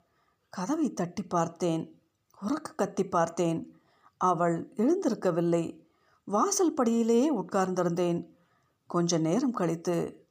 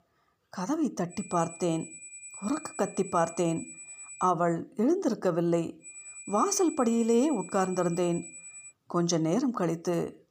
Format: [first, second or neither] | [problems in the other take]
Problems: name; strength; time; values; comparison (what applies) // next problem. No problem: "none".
first | high-pitched whine; noticeable; from 1 to 4.5 s and from 6 to 8.5 s; 8 kHz, 15 dB below the speech